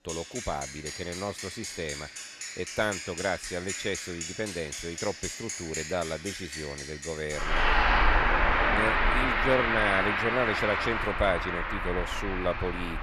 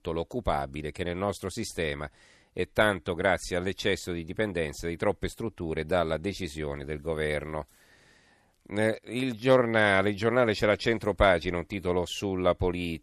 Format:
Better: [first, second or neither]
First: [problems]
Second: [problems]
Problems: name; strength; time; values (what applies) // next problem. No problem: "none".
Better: second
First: traffic noise; very loud; throughout; 3 dB above the speech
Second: none